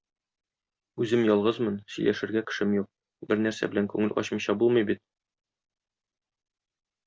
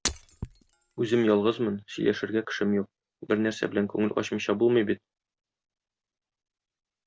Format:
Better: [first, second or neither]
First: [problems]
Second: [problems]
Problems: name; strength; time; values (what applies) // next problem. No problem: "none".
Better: first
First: none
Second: background sound (Shatter); 8 dB below the speech